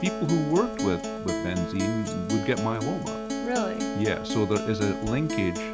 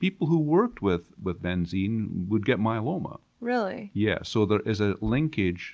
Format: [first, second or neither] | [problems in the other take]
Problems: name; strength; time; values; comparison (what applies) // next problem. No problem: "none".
second | background sound (Acoustic guitar); 3 dB below the speech